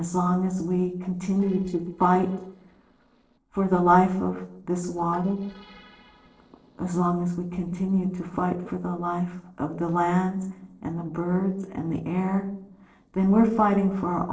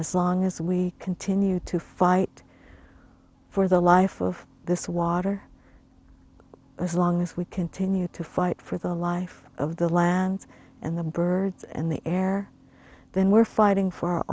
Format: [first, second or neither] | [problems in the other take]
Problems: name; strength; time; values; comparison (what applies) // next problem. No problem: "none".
second | noise reduction (neural separator model SepFormer DNS4)